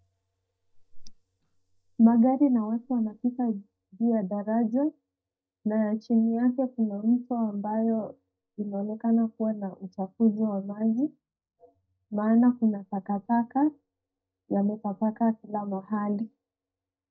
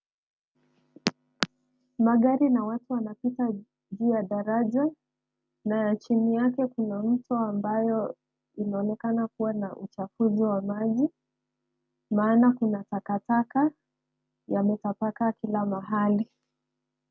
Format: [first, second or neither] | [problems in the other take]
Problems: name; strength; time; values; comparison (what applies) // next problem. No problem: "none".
second | noise reduction (neural mask model DeepFilterNet 3)